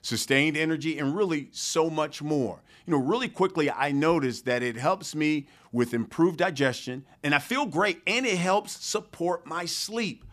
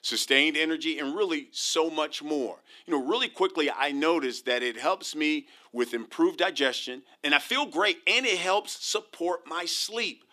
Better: first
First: none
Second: thin; very slightly; fading below 300 Hz

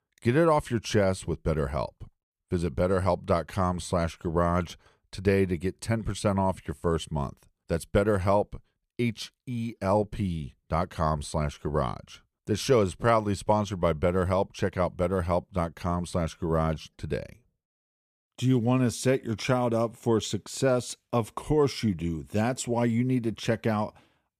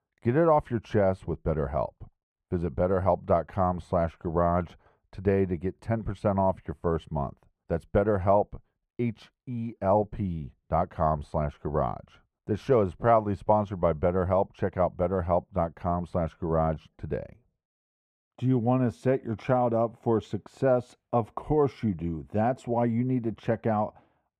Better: first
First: none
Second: muffled; very; fading above 3 kHz

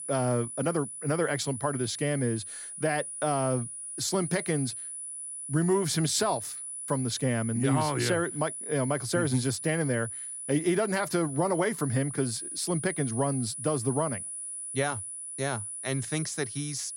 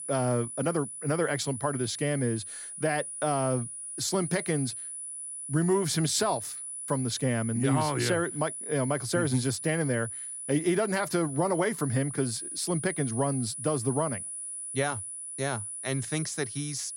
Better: neither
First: high-pitched whine; loud; throughout; 10 kHz, 7 dB below the speech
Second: high-pitched whine; loud; throughout; 10 kHz, 7 dB below the speech

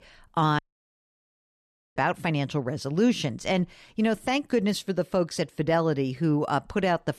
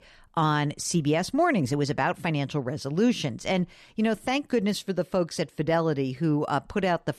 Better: second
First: audio cutting out; at 0.5 s for 1.5 s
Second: none

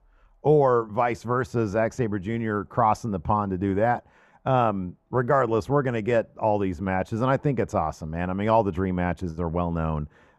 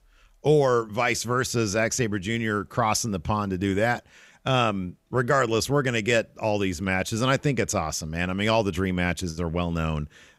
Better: second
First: muffled; very; fading above 2 kHz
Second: none

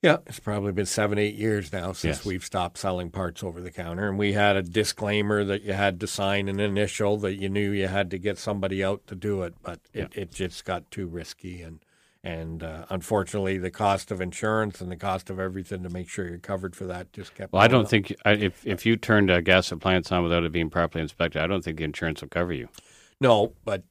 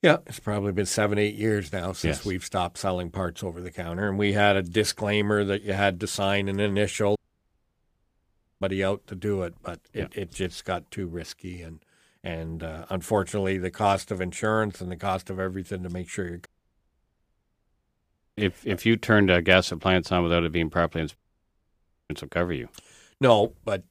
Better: first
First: none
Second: audio cutting out; at 7 s for 1.5 s, at 16 s for 2 s and at 21 s for 1 s

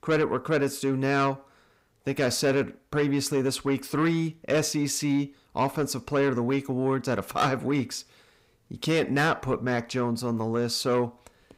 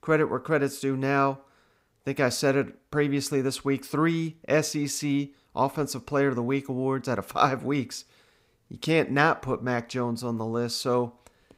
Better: second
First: distortion; slight; 10 dB below the speech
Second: none

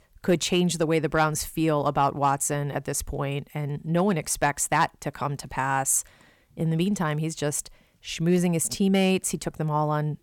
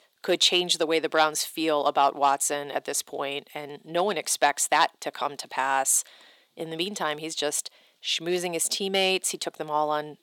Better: first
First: none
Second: thin; very; fading below 350 Hz

